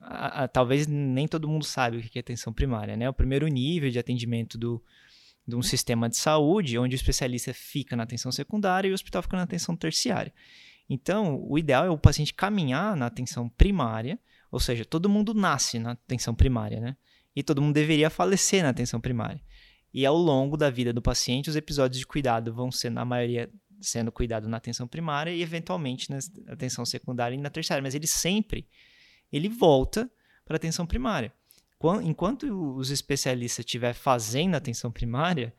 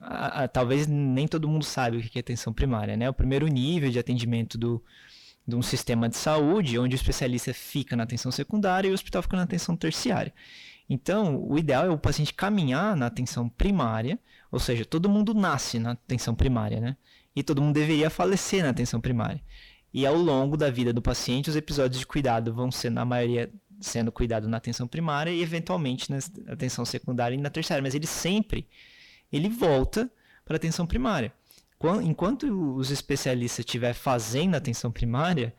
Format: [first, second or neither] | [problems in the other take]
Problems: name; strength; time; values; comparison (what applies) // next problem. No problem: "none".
first | distortion; heavy; 8 dB below the speech